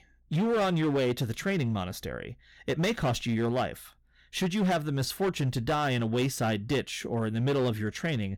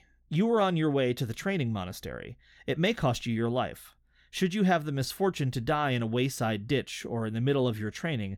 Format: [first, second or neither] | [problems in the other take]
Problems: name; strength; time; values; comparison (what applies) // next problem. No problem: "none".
second | distortion; slight; 11% of the sound clipped